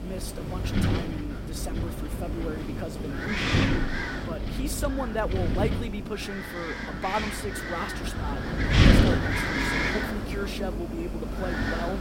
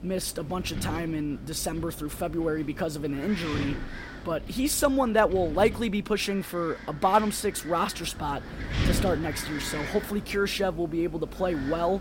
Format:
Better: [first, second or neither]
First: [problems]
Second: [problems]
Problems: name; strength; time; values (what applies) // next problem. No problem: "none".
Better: second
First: wind noise on the microphone; heavy; 5 dB above the speech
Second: wind noise on the microphone; occasional gusts; 10 dB below the speech